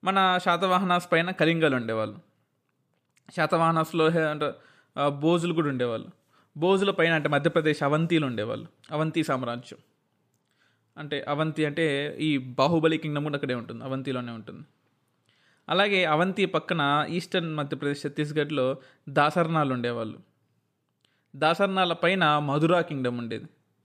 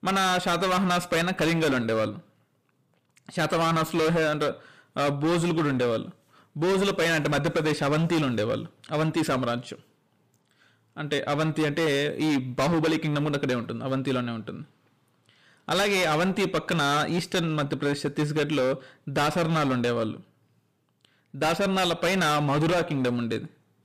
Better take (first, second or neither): first